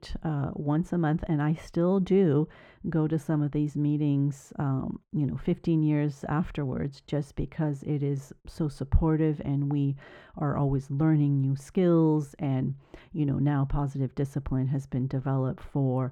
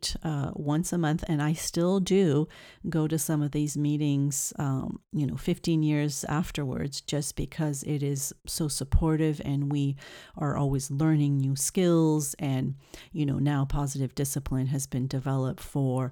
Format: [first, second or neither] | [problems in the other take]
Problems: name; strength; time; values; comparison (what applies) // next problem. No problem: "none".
second | muffled; very; fading above 3.5 kHz